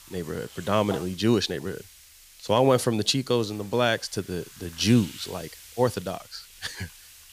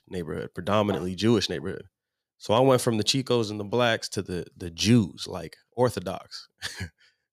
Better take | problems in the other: second | hiss; noticeable; throughout; 20 dB below the speech

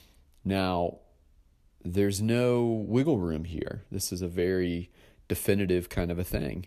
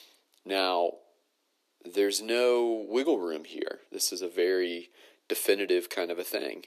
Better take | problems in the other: first | thin; somewhat; fading below 300 Hz

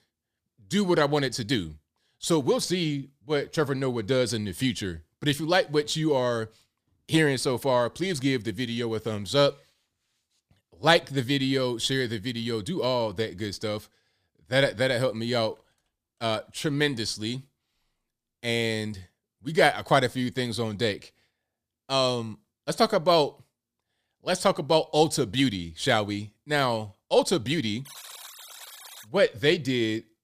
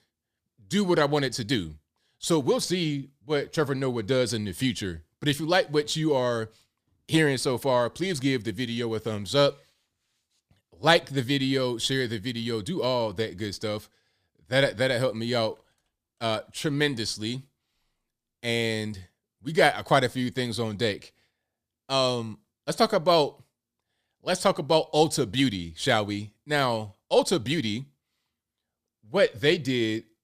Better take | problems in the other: second | alarm; faint; from 28 to 29 s; peak 15 dB below the speech

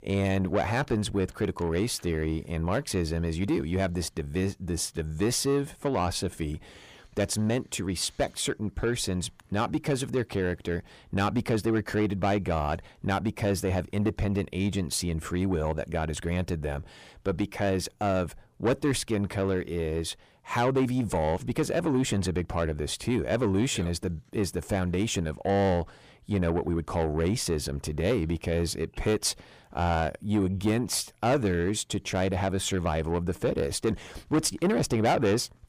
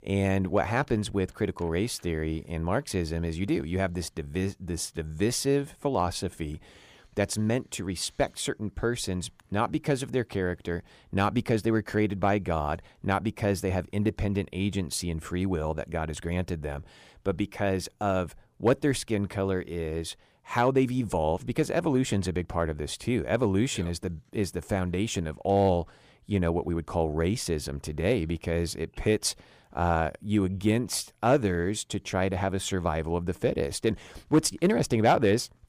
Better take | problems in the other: second | distortion; slight; 10 dB below the speech

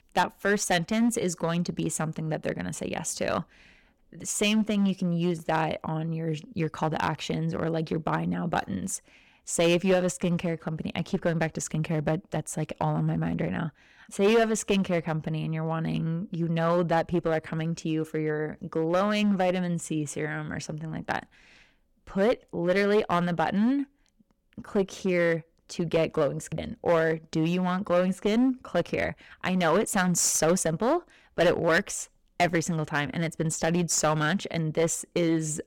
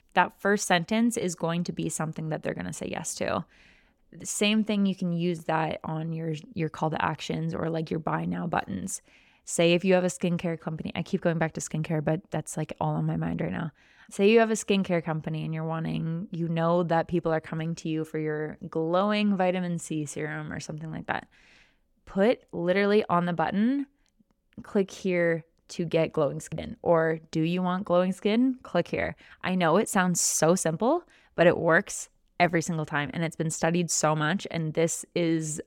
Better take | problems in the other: second | distortion; slight; 5% of the sound clipped

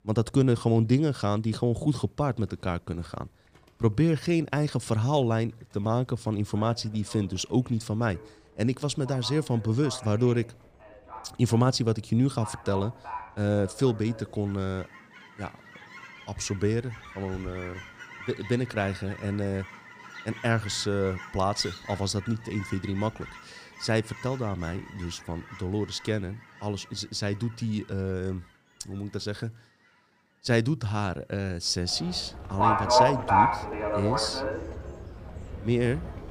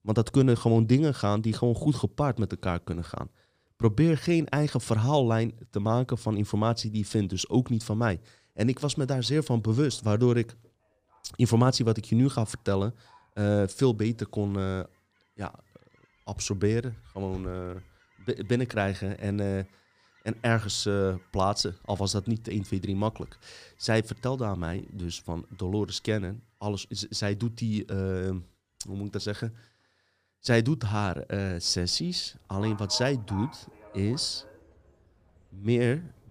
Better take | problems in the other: second | animal sounds; loud; throughout; 4 dB below the speech; faint in the second

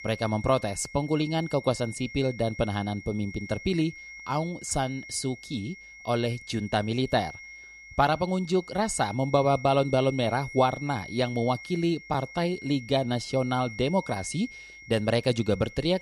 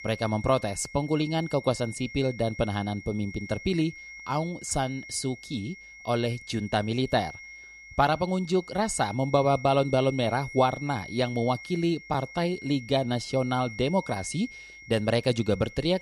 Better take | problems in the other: neither | high-pitched whine; noticeable; throughout; 2 kHz, 15 dB below the speech; the same in both

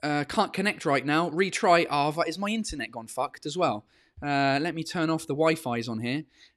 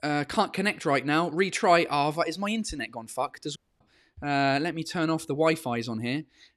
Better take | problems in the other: first | audio cutting out; at 3.5 s

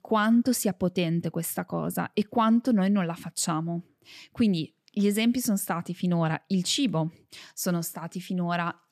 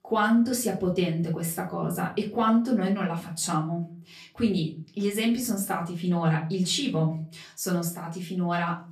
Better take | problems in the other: first | off-mic speech; far // room echo; very slight; dies away in 0.3 s

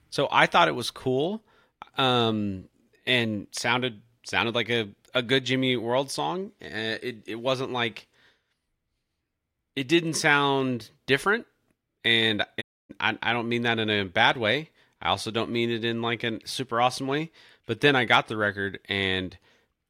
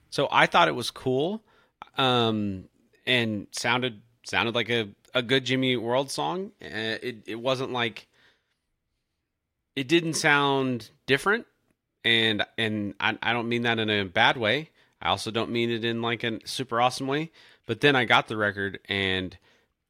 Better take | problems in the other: second | audio cutting out; at 13 s

